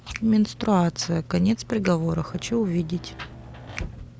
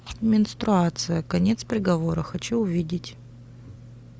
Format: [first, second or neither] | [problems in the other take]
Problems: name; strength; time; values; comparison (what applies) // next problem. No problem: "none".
second | background sound (Finger snapping + Rain); 17 dB below the speech